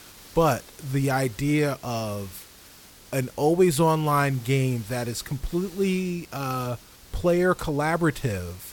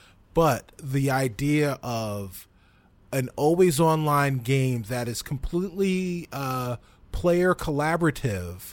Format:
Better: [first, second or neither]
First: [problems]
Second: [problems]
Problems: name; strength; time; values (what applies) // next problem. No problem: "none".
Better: second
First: hiss; faint; throughout; 20 dB below the speech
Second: none